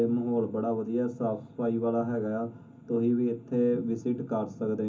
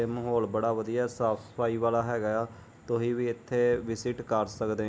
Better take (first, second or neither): second